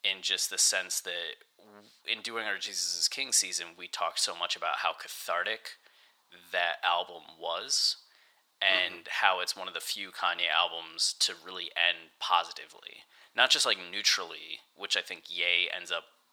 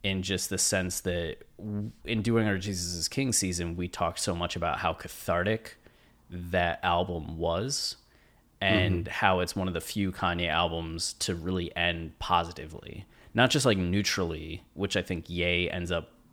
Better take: second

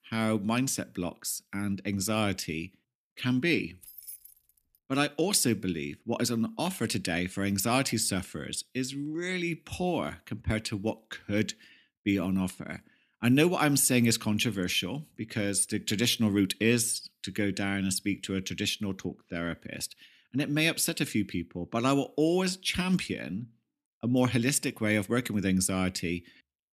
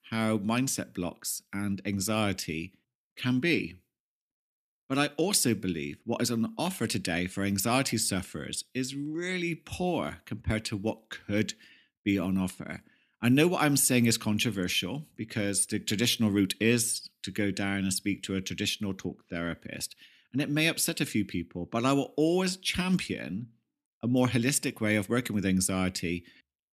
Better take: second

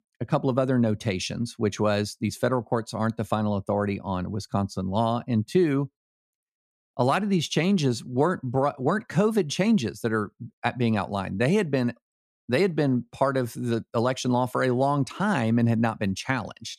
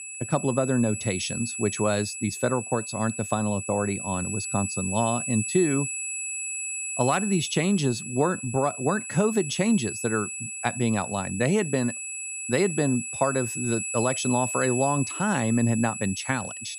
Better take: first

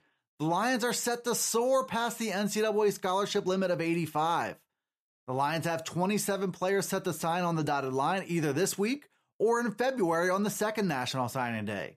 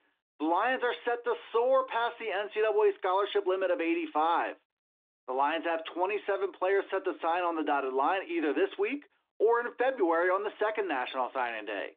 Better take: first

